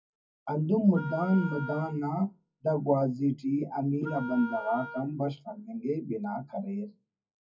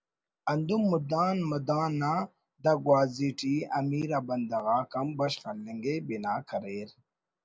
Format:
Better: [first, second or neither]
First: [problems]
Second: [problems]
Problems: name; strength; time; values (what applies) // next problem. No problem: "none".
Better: second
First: noise reduction (classical method WPE with log-MMSE)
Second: none